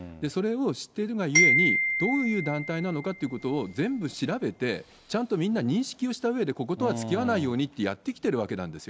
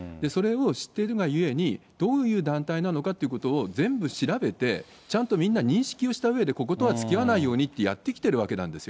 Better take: second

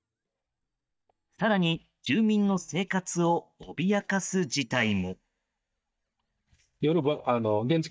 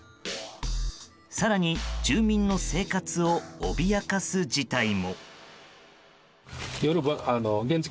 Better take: second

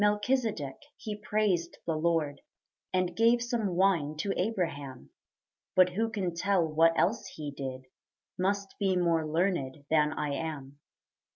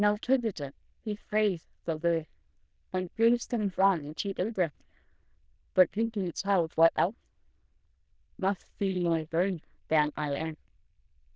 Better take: first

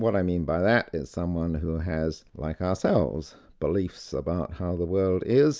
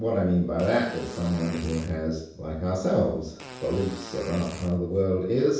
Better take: first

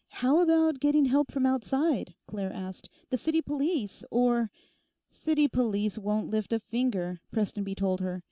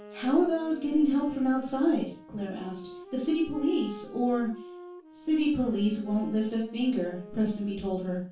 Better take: first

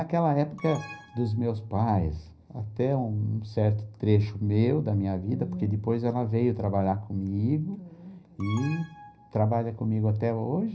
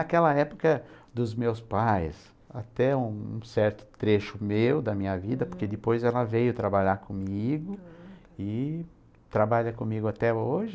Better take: second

